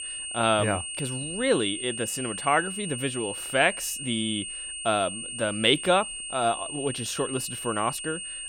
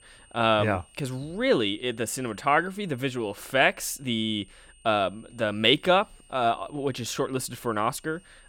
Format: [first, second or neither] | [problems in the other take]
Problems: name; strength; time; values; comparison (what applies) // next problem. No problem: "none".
second | high-pitched whine; loud; throughout; 8.5 kHz, 6 dB below the speech; faint in the second